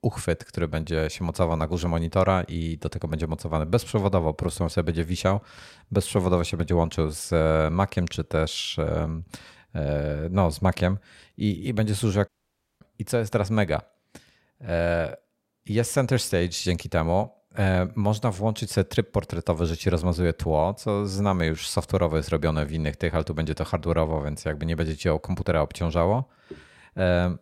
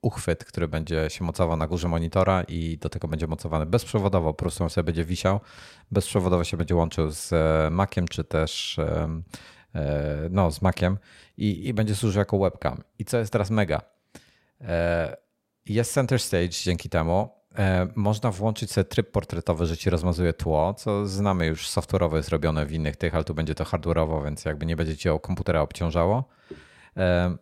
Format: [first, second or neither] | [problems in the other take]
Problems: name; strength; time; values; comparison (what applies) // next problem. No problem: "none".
second | audio cutting out; at 12 s for 0.5 s